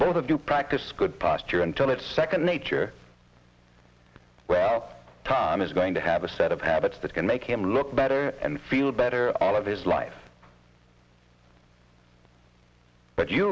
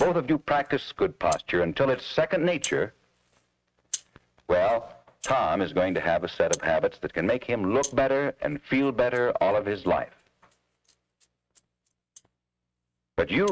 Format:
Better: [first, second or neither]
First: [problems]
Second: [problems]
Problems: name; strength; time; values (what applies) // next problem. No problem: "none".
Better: first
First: none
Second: noise reduction (neural mask model RNNoise)